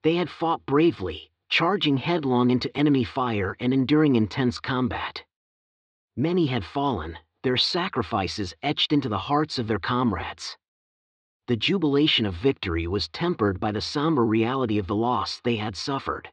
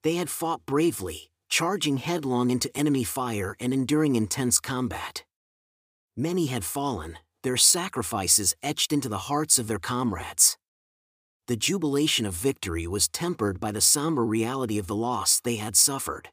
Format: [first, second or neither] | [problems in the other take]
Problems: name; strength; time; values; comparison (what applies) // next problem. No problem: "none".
second | muffled; slightly; fading above 4 kHz